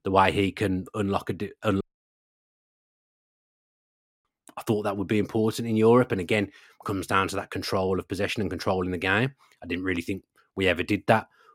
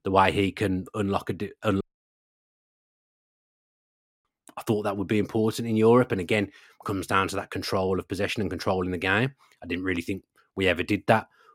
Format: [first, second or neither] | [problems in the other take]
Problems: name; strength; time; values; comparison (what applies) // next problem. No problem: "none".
neither | audio cutting out; at 2 s for 2.5 s; the same in both